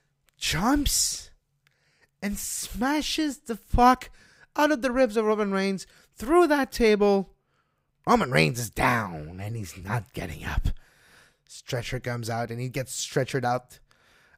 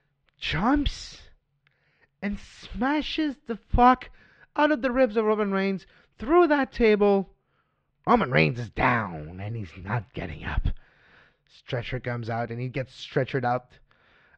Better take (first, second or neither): first